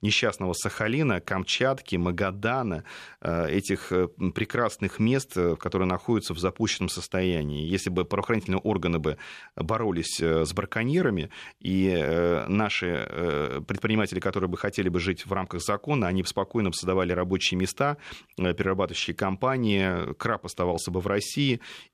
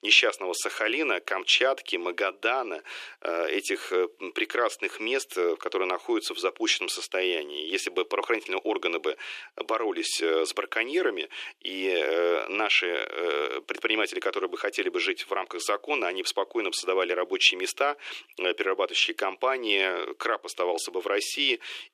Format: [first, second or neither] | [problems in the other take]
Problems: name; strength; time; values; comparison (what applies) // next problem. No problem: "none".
first | thin; very; fading below 300 Hz